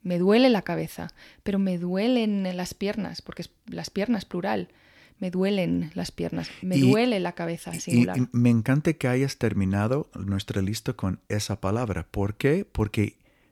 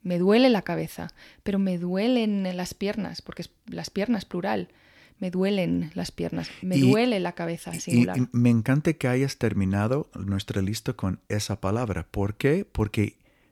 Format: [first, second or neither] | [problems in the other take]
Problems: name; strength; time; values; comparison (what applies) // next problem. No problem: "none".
neither | none